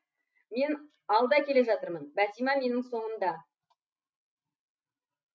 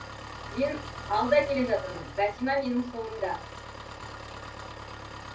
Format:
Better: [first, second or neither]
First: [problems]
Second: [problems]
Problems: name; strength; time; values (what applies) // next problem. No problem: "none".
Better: first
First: none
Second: background sound (Engine); 10 dB below the speech // room echo; dies away in 0.1 s